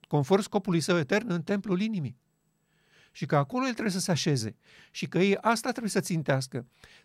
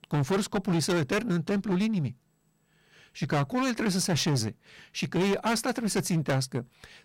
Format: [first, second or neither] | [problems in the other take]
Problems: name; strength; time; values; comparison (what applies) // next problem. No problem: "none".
first | distortion; heavy; 14% of the sound clipped